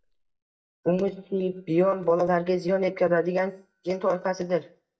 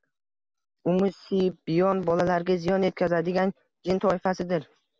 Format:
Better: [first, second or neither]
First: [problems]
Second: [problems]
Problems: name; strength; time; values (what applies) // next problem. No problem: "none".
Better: second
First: noise reduction (neural mask model DeepFilterNet 3)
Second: none